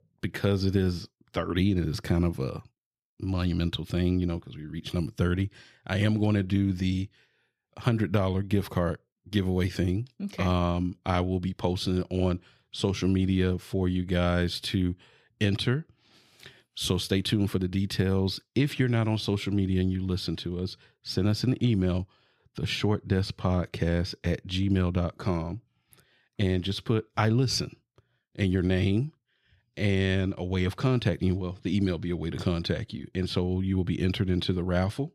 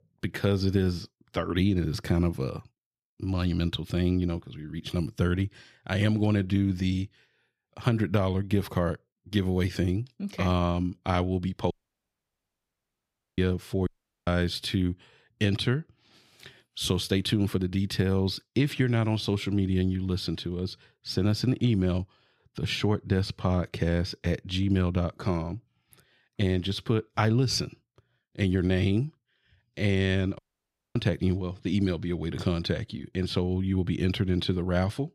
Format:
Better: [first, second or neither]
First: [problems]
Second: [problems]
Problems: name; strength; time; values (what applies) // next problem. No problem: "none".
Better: first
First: none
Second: audio cutting out; at 12 s for 1.5 s, at 14 s and at 30 s for 0.5 s